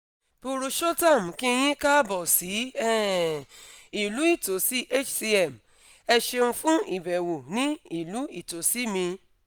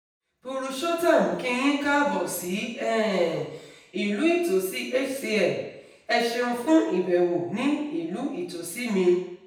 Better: first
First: none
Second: room echo; dies away in 0.8 s

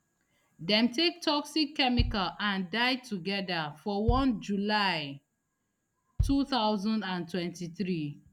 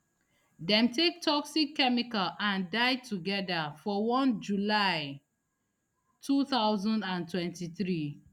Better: second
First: background sound (Bass drum); 7 dB below the speech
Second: none

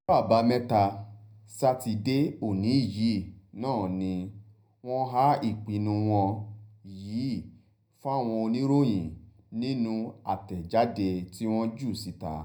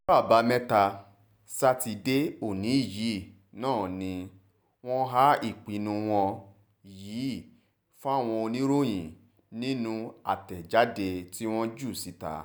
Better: second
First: room echo; dies away in 0.3 s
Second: none

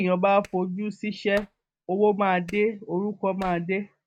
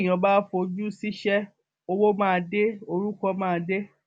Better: second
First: noise reduction (neural mask model RNNoise)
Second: none

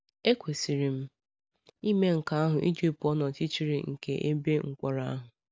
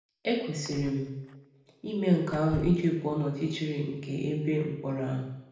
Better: first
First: none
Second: background sound (Door / Car); 15 dB below the speech // room echo; dies away in 0.8 s

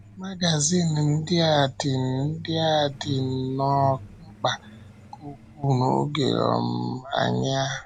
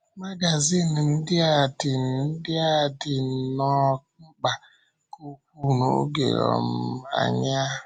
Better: second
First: background sound (Truck); 18 dB below the speech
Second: none

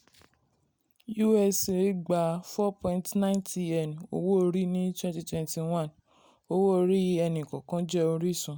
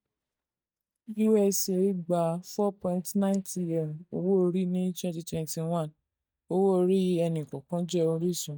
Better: first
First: none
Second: noise reduction (neural mask model DeepFilterNet 3)

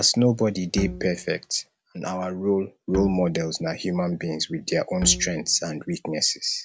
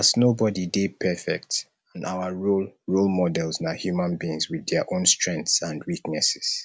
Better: second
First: background sound (Bowed string instrument); 10 dB below the speech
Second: none

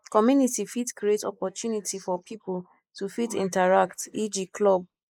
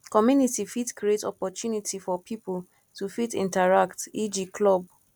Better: second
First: noise reduction (neural mask model Resemble Enhance denoiser)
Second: none

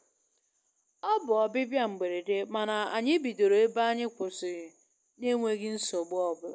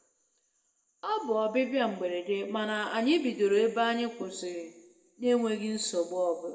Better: first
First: none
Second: room echo; dies away in 0.8 s

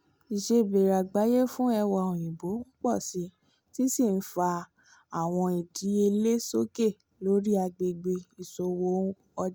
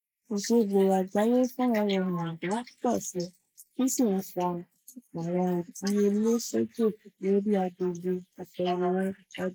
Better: first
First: none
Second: noise reduction (neural mask model Resemble Enhance denoiser)

